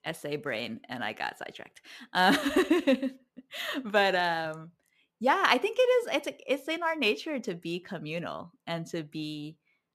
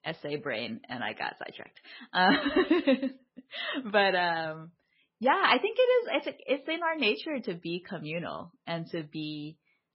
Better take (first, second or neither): first